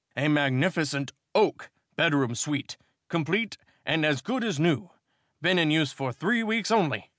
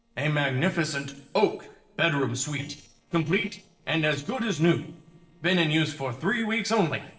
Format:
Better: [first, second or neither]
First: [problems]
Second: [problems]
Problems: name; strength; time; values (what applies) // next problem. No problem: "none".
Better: first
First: none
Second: noise reduction (neural separator model SepFormer DNS4)